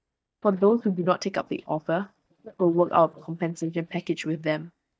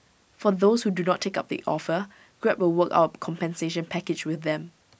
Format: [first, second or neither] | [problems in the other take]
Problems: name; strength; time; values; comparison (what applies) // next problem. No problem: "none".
second | noise reduction (neural mask model DeepFilterNet 3)